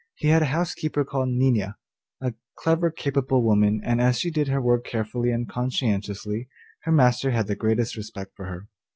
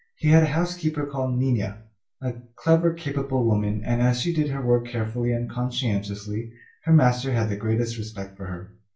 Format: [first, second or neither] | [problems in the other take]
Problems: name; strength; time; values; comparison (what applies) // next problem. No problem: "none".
first | room echo; dies away in 0.3 s